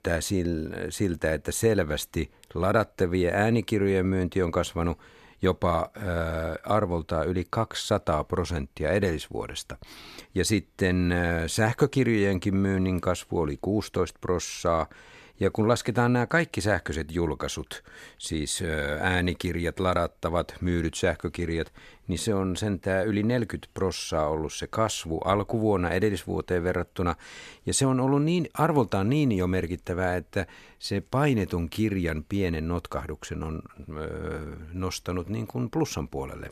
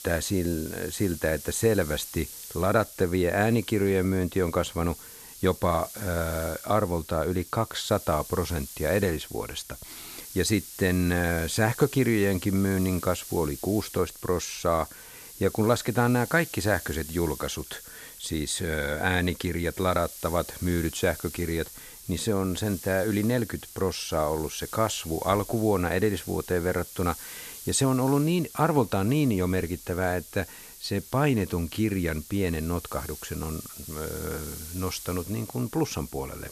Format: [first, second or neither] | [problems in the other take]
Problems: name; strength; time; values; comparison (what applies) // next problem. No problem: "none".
first | hiss; noticeable; throughout; 15 dB below the speech